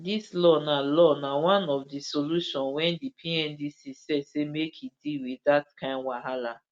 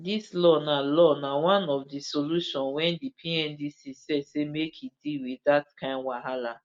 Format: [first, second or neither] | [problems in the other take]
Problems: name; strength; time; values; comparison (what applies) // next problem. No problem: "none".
first | noise reduction (neural mask model Resemble Enhance denoiser)